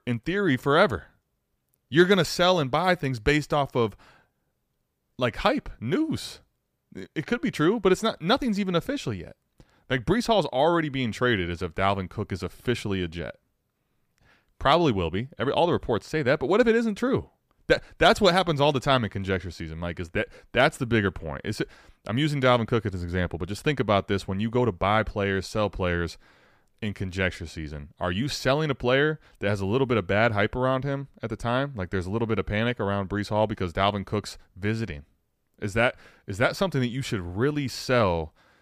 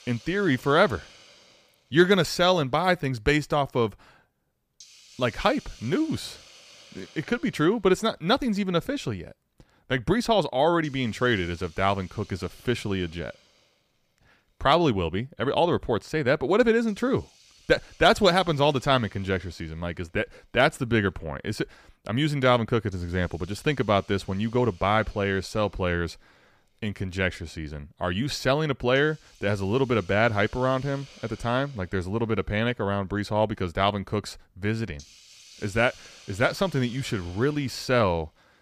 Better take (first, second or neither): first